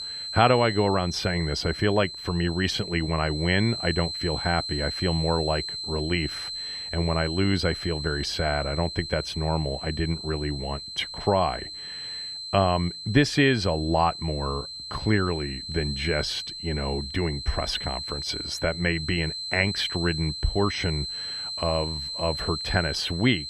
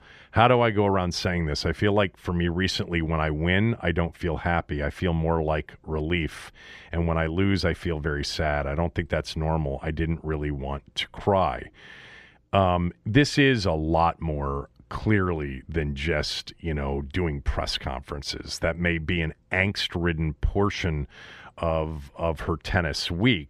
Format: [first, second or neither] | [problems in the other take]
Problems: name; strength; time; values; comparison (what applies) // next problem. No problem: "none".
second | high-pitched whine; loud; throughout; 4 kHz, 6 dB below the speech